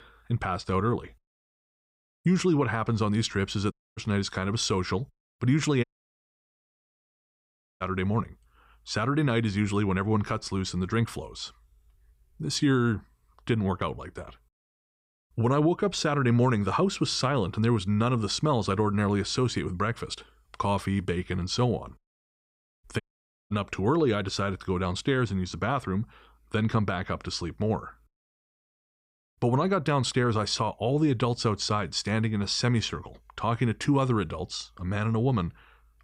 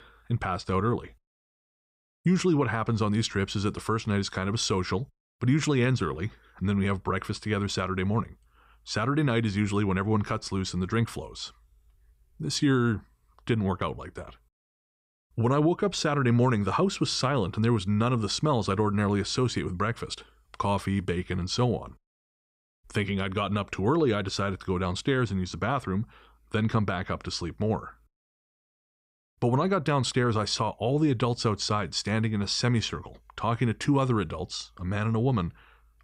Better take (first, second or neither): second